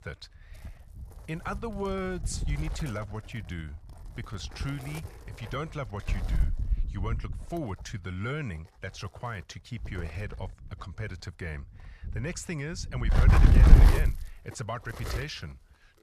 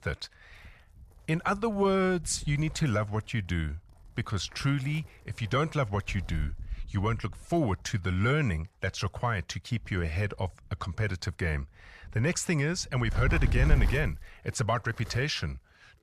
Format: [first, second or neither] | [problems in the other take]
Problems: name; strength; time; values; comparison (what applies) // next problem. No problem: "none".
second | wind noise on the microphone; heavy; 1 dB below the speech; occasional gusts in the second